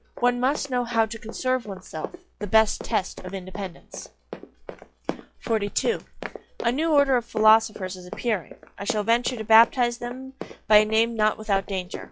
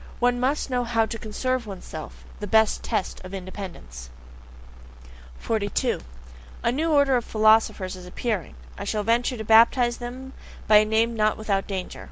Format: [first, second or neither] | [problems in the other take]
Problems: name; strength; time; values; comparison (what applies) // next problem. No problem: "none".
second | noise reduction (classical method log-MMSE)